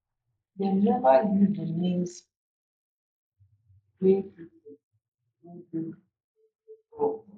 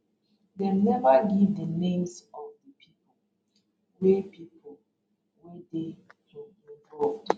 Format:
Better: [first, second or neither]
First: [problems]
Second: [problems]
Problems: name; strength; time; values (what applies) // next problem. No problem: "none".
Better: second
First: noise reduction (neural mask model Resemble Enhance denoiser)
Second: none